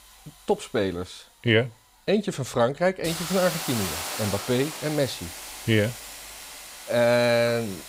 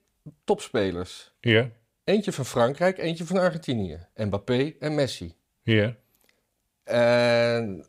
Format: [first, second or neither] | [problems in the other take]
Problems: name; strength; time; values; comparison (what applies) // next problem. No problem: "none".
second | hiss; loud; throughout; 8 dB below the speech